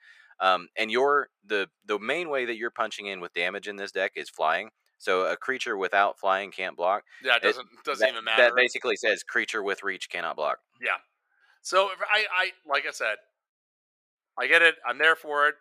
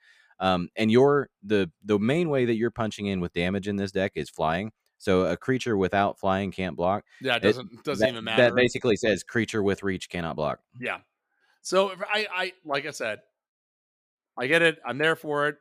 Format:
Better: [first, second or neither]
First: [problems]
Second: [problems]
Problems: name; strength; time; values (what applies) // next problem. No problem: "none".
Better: second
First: thin; very; fading below 550 Hz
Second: none